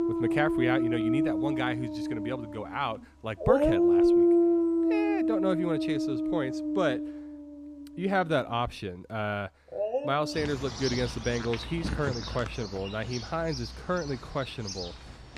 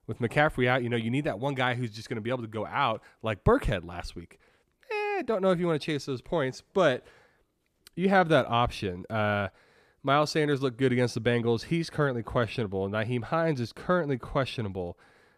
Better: second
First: animal sounds; very loud; throughout; 4 dB above the speech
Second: none

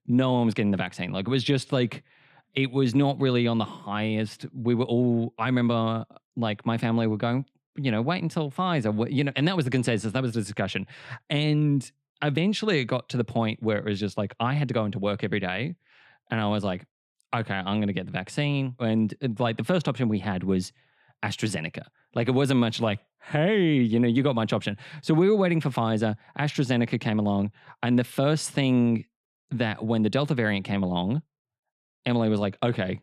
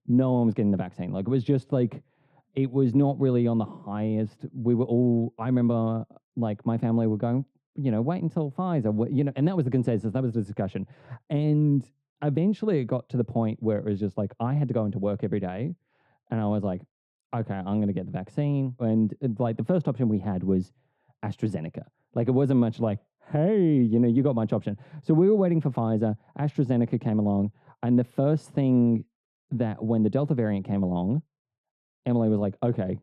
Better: first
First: none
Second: muffled; very; fading above 1 kHz

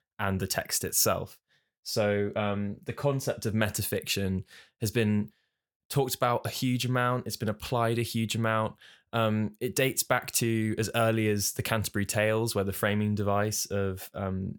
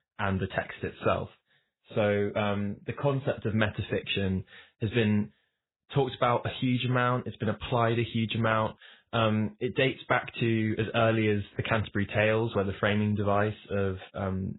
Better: first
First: none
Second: garbled, watery; badly; nothing above 4 kHz

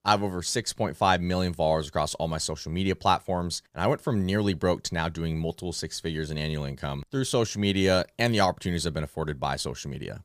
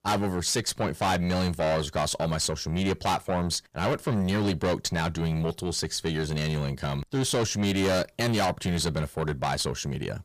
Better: first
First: none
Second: distortion; heavy; 6 dB below the speech

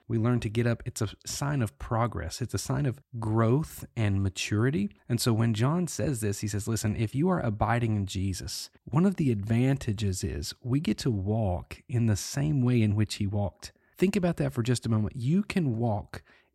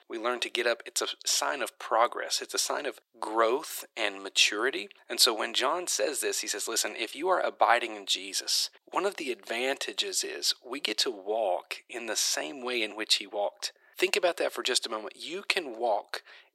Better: first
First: none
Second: thin; very; fading below 400 Hz

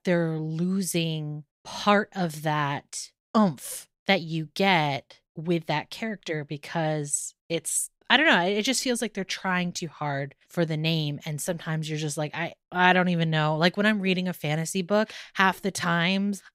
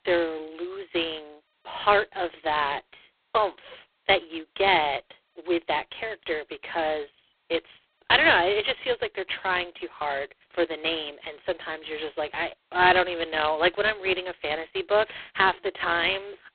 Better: first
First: none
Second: phone-call audio; poor line; nothing above 3.5 kHz

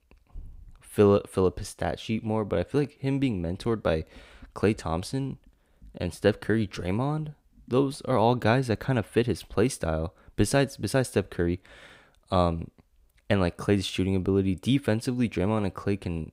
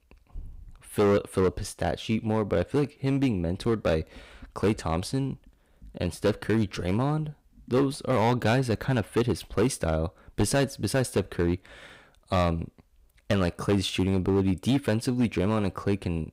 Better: first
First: none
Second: distortion; slight; 6% of the sound clipped

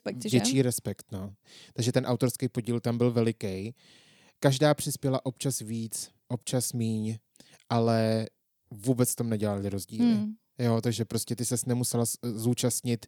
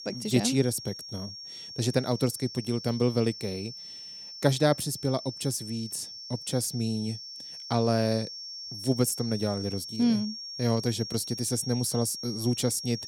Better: first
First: none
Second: high-pitched whine; loud; throughout; 5.5 kHz, 9 dB below the speech

